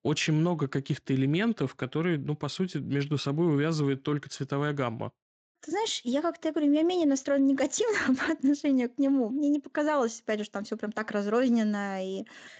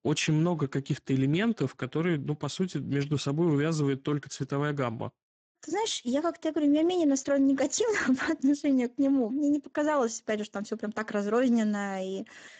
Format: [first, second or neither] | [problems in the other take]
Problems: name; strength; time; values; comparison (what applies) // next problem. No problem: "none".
first | garbled, watery; badly; nothing above 7.5 kHz; slightly in the first